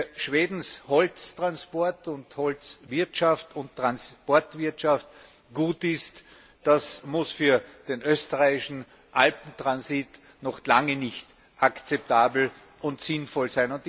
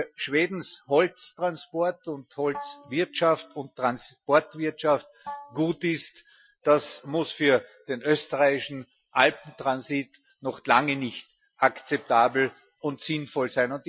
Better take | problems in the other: first | noise reduction (classical method Wiener filter)

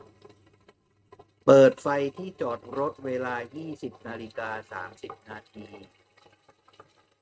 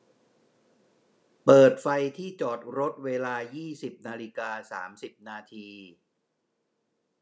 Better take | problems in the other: second | noise reduction (neural mask model RNNoise)

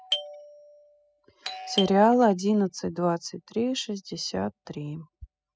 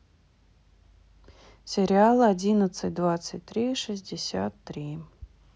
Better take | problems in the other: second | noise reduction (classical method spectral subtraction)

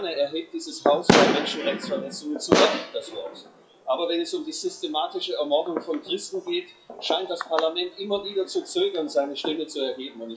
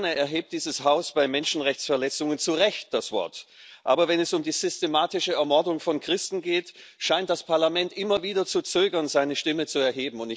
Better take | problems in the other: second | noise reduction (classical method WPE with log-MMSE)

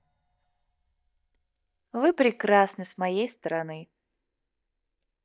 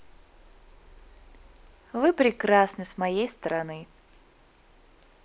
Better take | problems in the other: second | noise reduction (neural mask model DeepFilterNet 3)

